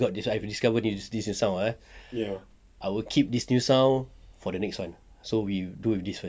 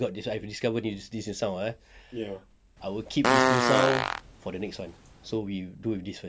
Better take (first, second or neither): first